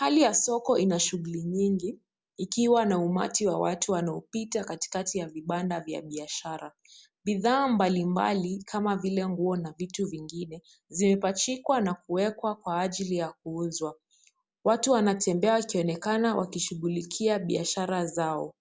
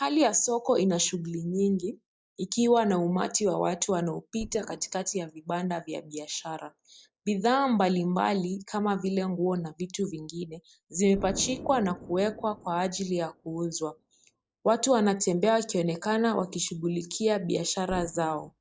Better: first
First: none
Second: noise reduction (neural mask model DeepFilterNet 3)

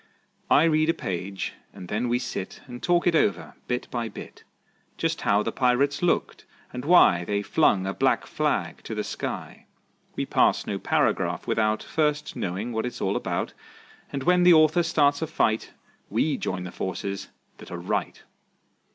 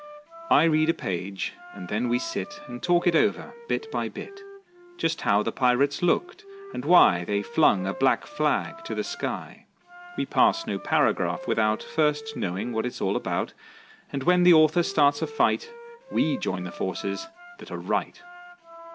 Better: first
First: none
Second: background sound (Wind instrument, woodwind instrument); 17 dB below the speech

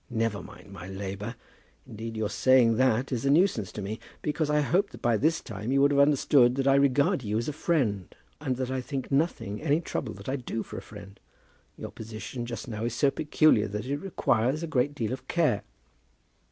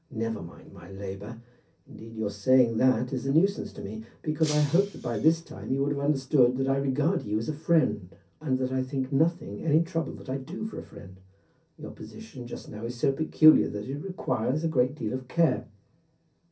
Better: first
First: none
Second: background sound (Shatter); 17 dB below the speech // room echo; dies away in 0.3 s

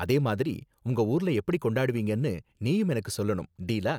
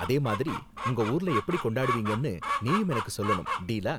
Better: first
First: none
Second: background sound (Chicken, rooster); 5 dB below the speech

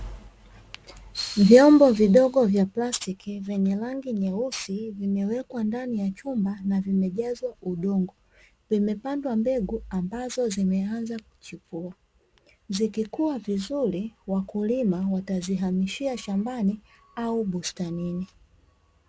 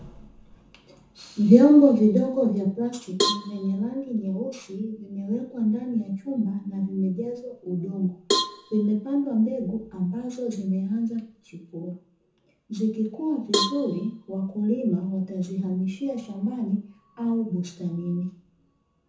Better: first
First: none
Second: background sound (Cowbell); 7 dB below the speech // room echo; dies away in 0.6 s

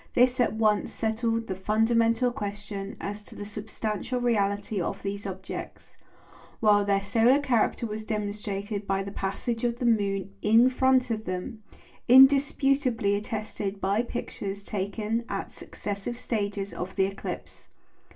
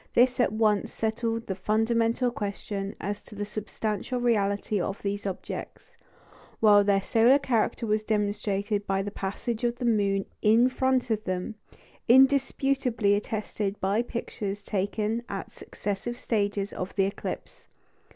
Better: second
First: room echo; dies away in 0.2 s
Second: none

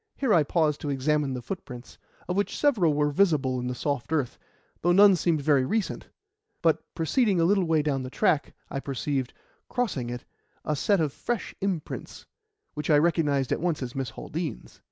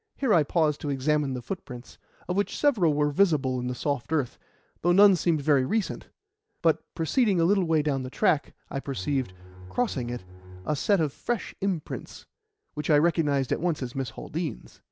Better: first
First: none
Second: background sound (Bowed string instrument); 15 dB below the speech

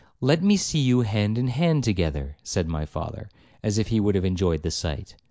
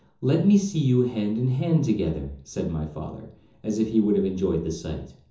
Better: first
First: none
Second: room echo; dies away in 0.6 s

